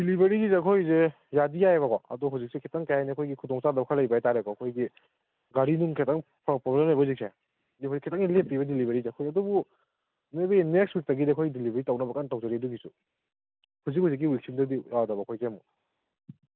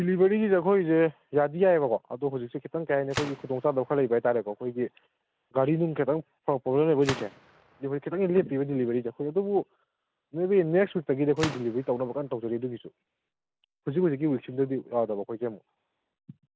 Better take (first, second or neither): first